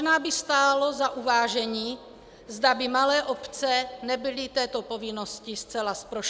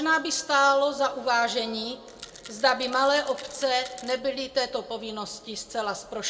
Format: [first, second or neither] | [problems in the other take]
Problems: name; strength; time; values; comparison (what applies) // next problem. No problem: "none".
first | background sound (Rattle); 19 dB below the speech // room echo; dies away in 1 s